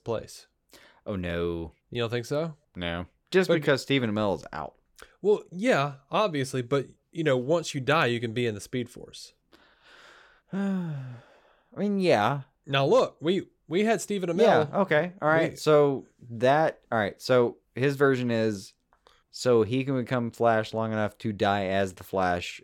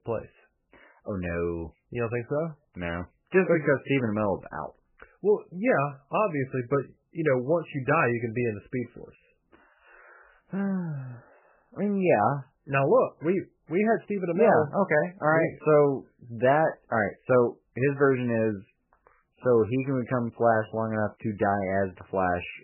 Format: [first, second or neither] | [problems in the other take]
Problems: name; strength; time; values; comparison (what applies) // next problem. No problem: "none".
first | garbled, watery; badly; nothing above 2.5 kHz